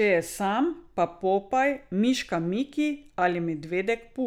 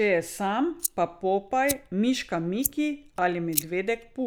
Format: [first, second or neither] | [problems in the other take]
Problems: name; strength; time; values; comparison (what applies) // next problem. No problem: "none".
first | noise reduction (neural mask model Resemble Enhance denoiser)